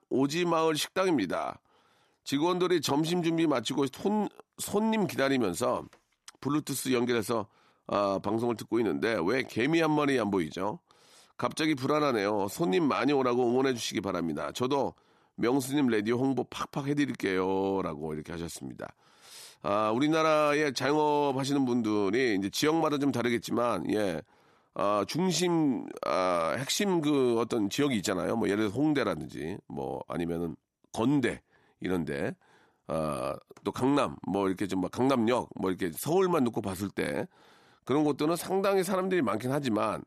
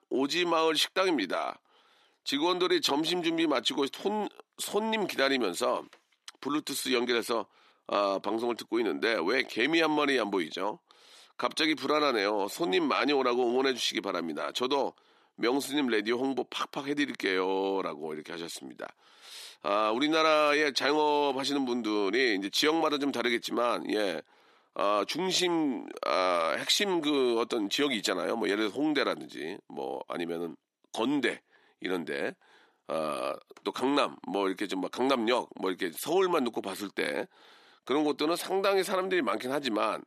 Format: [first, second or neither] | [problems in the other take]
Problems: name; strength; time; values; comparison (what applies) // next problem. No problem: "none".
first | thin; very slightly; fading below 350 Hz